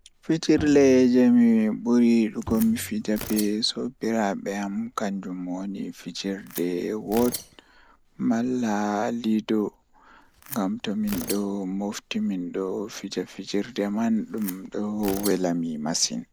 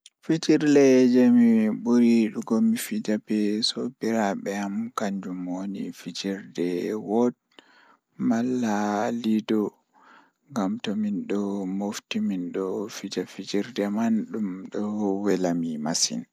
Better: second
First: background sound (Bowed string instrument + Tearing); 18 dB below the speech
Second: none

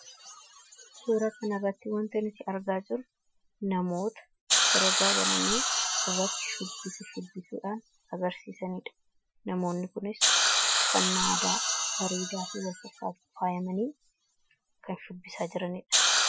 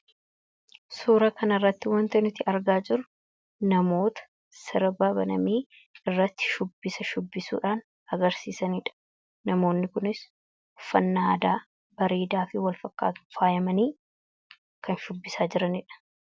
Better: second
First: noise reduction (classical method Wiener filter)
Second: none

